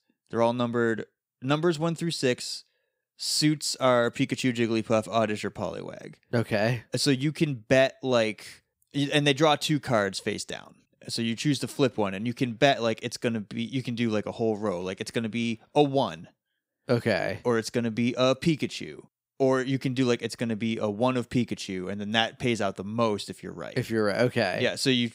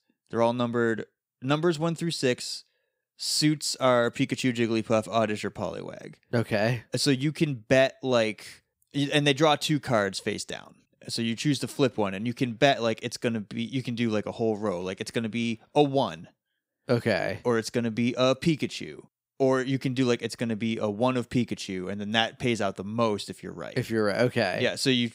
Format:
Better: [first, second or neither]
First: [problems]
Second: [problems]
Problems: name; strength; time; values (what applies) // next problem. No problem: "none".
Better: neither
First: none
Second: none